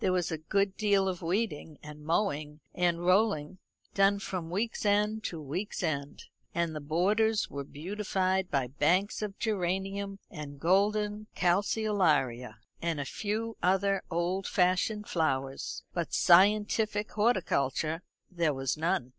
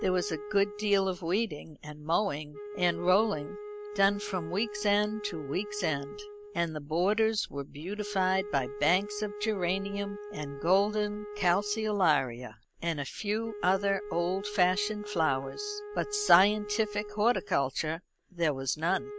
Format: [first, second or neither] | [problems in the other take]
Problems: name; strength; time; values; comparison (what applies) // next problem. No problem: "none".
first | background sound (Wind instrument, woodwind instrument); 12 dB below the speech